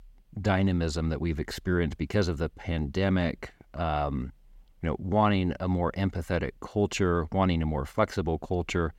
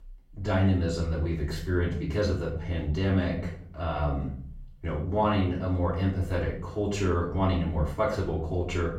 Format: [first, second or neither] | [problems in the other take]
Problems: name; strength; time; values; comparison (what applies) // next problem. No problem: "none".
first | off-mic speech; far // room echo; noticeable; dies away in 0.5 s